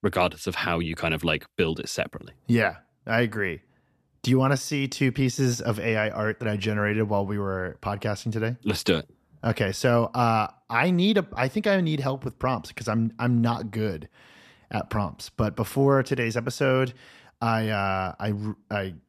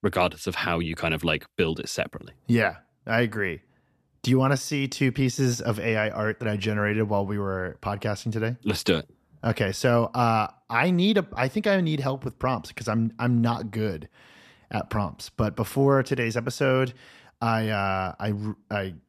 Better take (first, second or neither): neither